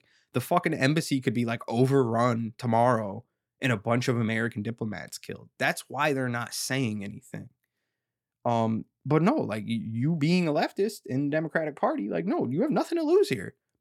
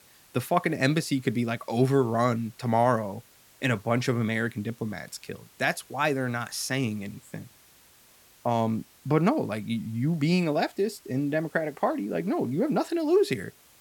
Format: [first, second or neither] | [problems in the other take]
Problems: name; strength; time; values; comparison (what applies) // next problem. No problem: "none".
first | hiss; faint; throughout; 25 dB below the speech